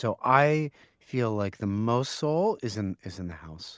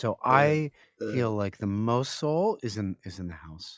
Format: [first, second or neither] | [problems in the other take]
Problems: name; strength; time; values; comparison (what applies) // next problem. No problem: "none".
first | noise reduction (classical method log-MMSE)